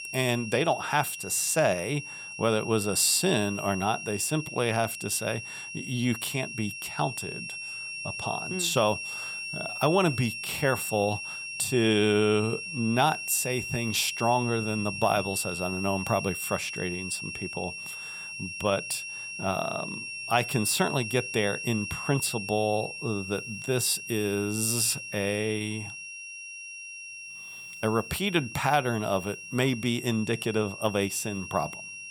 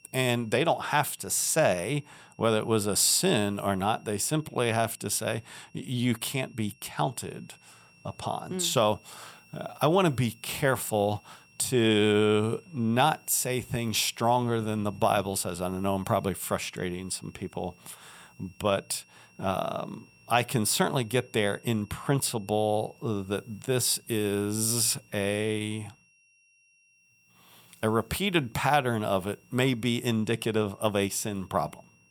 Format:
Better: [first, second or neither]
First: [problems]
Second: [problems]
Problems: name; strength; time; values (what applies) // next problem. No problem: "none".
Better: second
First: high-pitched whine; loud; throughout; 2.5 kHz, 8 dB below the speech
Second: high-pitched whine; faint; throughout; 2.5 kHz, 30 dB below the speech